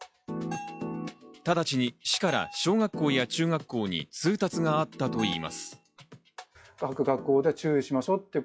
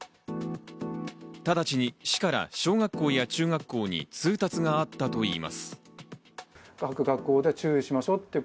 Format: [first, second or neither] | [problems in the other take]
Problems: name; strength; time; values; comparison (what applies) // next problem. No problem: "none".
second | noise reduction (classical method log-MMSE)